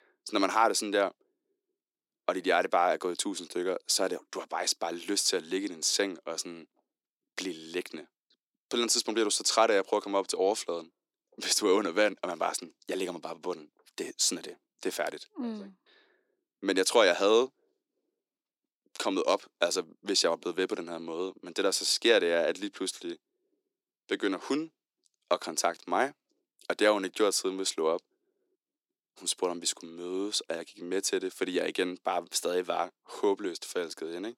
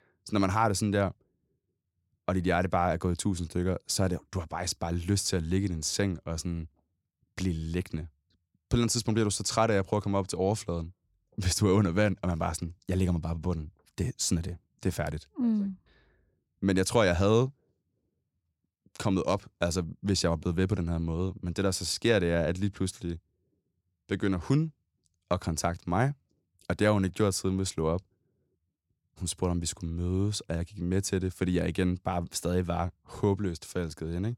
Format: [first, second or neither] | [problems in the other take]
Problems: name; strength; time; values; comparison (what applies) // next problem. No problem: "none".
second | thin; somewhat; fading below 300 Hz